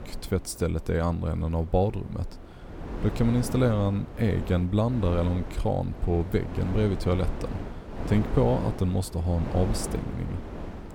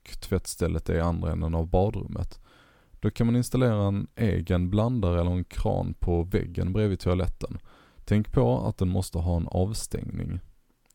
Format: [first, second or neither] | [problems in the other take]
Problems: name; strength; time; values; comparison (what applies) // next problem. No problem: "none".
second | wind noise on the microphone; heavy; 9 dB below the speech